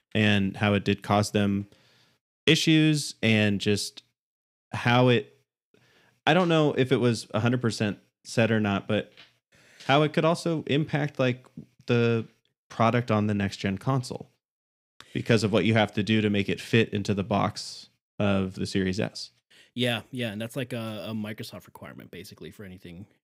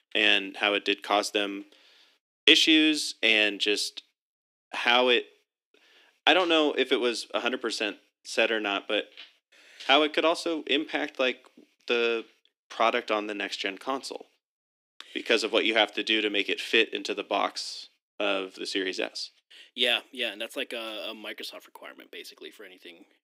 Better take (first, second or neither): first